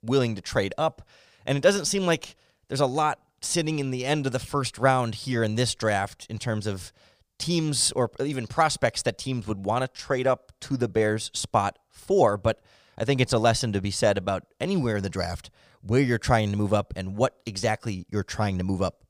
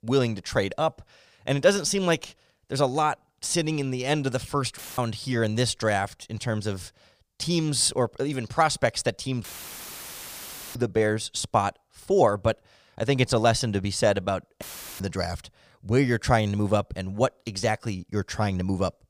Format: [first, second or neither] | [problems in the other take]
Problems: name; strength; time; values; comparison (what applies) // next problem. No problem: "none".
first | audio cutting out; filled with static; at 5 s, at 9.5 s for 1.5 s and at 15 s